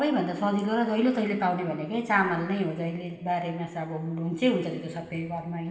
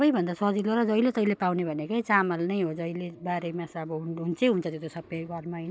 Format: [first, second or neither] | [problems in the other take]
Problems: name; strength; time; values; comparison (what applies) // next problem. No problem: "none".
second | room echo; dies away in 1.4 s